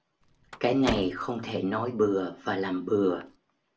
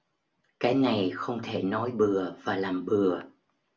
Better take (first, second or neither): second